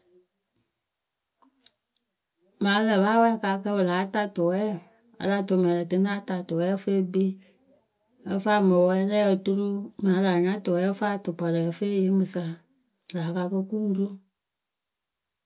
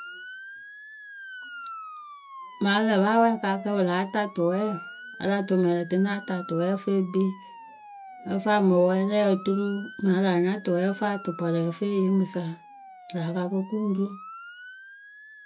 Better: first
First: none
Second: background sound (Motor vehicle (road) / Siren); 17 dB below the speech

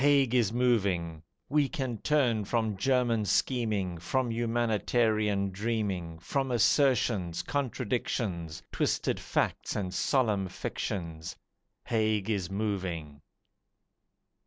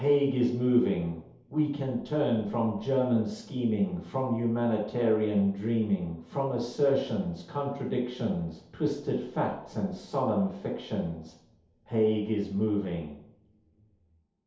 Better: first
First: none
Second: room echo; dies away in 0.8 s

